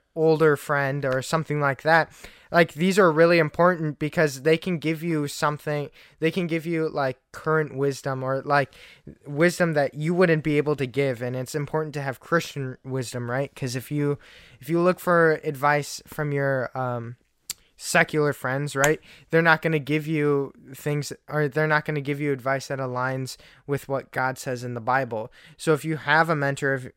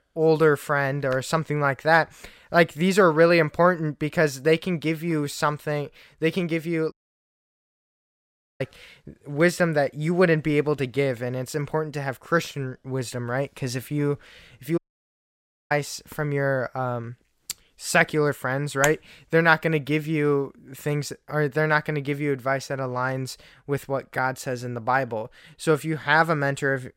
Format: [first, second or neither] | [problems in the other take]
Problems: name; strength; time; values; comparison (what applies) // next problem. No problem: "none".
first | audio cutting out; at 7 s for 1.5 s and at 15 s for 1 s